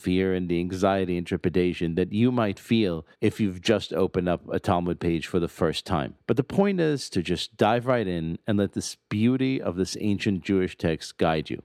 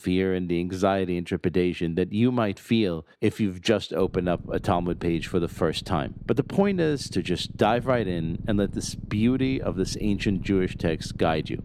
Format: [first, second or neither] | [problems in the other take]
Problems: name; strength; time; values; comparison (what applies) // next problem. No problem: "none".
first | low rumble; faint; from 4 s on; 20 dB below the speech